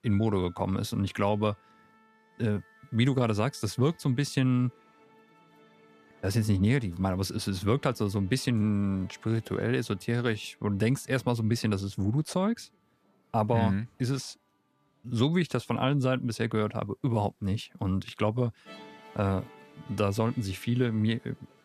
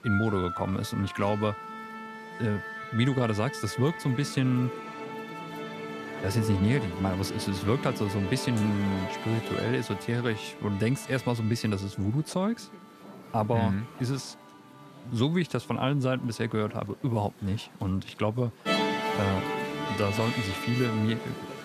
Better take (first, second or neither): first